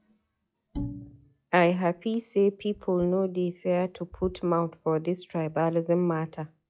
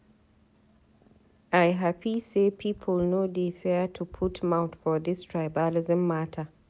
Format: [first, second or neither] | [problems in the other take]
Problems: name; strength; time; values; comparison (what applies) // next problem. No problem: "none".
second | noise reduction (classical method log-MMSE)